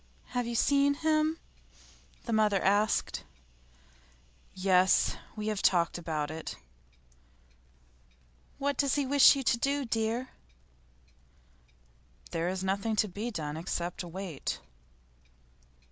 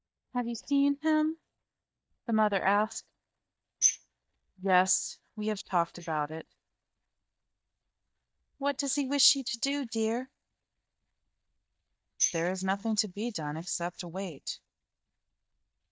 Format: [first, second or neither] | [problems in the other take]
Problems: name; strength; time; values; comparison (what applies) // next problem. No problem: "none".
first | noise reduction (neural mask model DeepFilterNet 3)